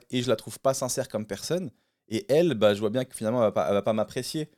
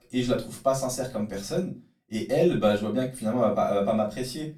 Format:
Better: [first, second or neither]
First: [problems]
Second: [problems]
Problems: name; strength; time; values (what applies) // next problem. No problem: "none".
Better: first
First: none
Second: off-mic speech; far // room echo; very slight; dies away in 0.2 s